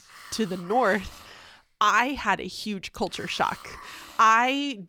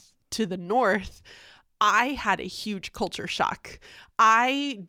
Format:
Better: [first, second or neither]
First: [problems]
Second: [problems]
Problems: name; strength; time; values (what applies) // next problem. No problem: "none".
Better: second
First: hiss; faint; throughout; 20 dB below the speech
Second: none